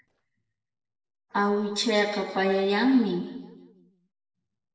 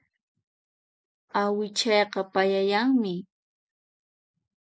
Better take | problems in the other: second | noise reduction (neural separator model SepFormer DNS4)

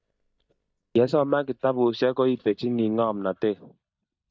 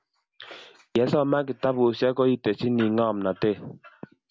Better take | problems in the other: second | noise reduction (neural mask model DeepFilterNet 3)

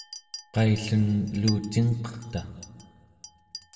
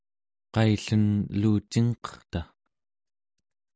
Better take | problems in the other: second | background sound (Chink, clink); 17 dB below the speech // room echo; dies away in 1.6 s

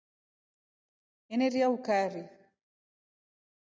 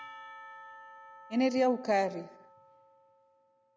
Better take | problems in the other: first | background sound (Percussion); 18 dB below the speech

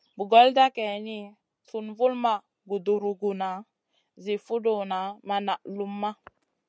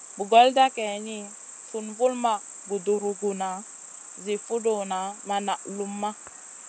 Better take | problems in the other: first | background sound (Cricket); 14 dB below the speech

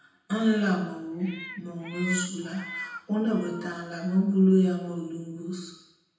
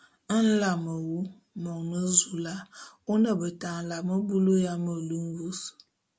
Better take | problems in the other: second | background sound (Meow); 13 dB below the speech // room echo; dies away in 0.9 s

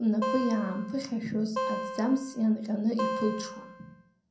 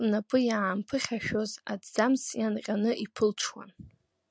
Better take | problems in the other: second | background sound (Acoustic guitar); 6 dB below the speech // room echo; dies away in 0.5 s

